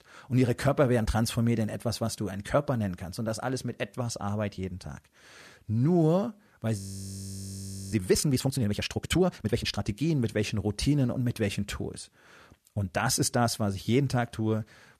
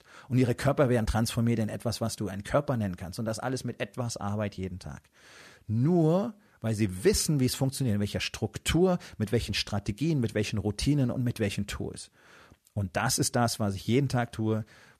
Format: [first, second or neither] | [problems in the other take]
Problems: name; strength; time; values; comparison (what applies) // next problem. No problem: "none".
second | audio freezing; at 7 s for 1 s